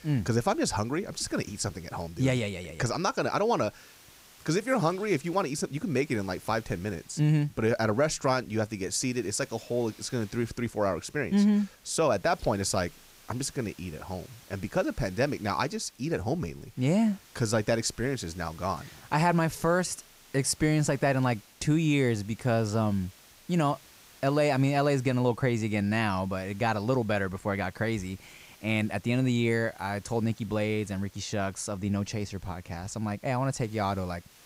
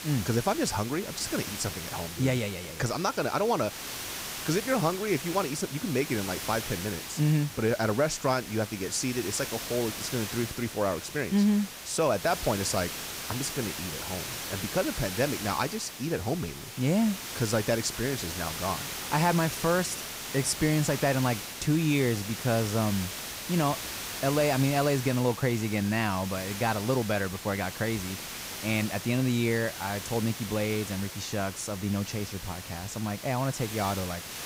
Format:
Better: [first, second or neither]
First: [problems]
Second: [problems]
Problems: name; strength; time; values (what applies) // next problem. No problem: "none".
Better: first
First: hiss; faint; throughout; 25 dB below the speech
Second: hiss; loud; throughout; 7 dB below the speech